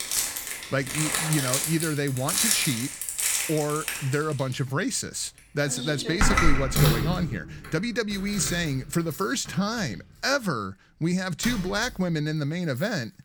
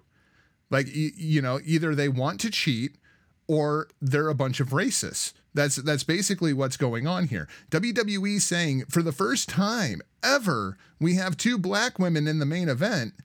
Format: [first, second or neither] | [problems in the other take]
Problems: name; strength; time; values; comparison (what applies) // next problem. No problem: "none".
second | household noises; very loud; throughout; 1 dB above the speech